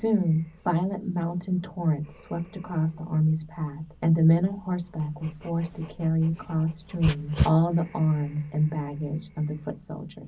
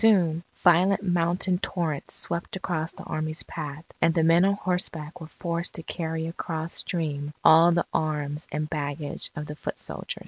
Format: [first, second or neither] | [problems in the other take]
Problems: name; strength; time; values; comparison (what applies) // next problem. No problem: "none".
second | background sound (Dog); 13 dB below the speech // room echo; dies away in 0.4 s